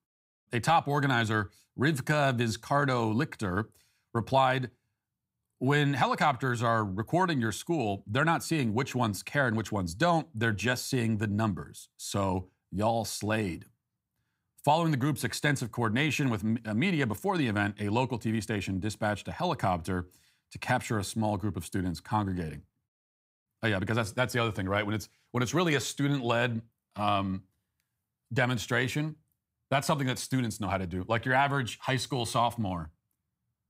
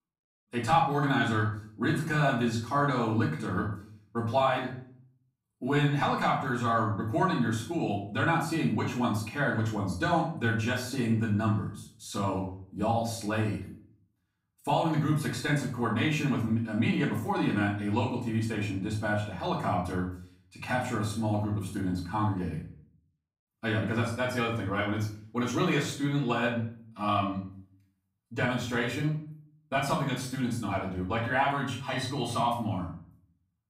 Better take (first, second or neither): first